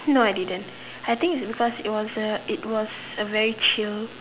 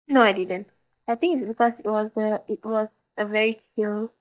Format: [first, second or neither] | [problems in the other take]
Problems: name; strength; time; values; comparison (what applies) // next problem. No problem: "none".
first | noise reduction (neural mask model DeepFilterNet 3)